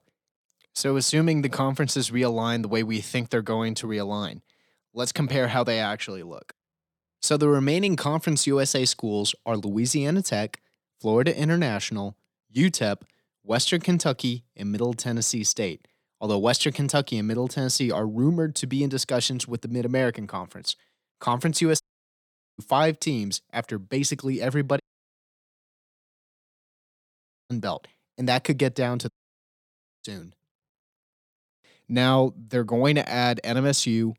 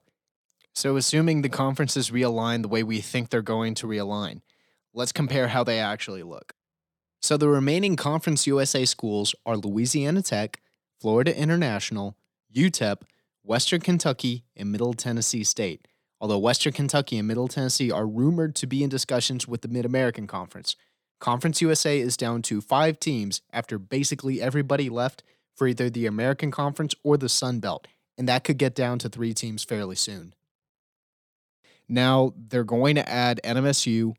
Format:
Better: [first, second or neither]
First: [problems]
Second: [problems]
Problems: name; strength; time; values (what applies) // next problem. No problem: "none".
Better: second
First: audio cutting out; at 22 s for 1 s, at 25 s for 2.5 s and at 29 s for 1 s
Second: none